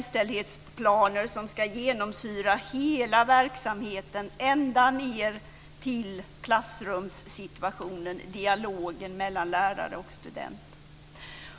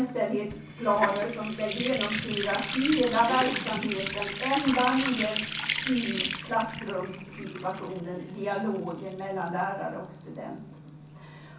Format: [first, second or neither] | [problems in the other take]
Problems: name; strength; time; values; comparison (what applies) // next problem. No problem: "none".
first | background sound (Water tap, faucet); 6 dB below the speech // room echo; dies away in 0.6 s